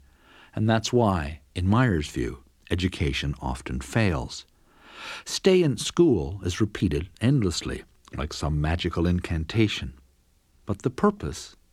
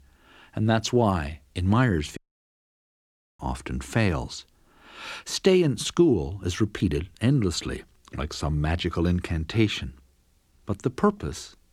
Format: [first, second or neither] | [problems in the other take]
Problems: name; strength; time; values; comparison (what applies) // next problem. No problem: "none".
first | audio cutting out; at 2 s for 1 s